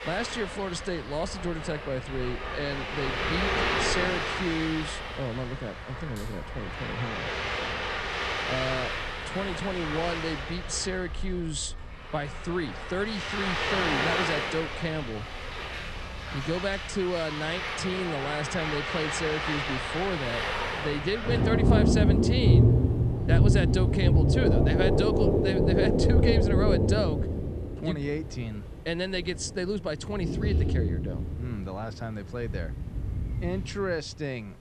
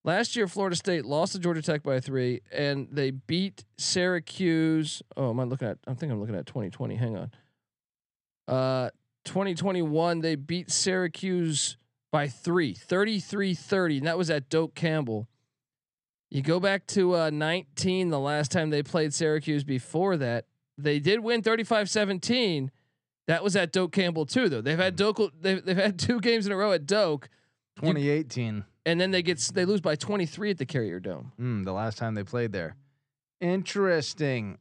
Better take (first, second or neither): second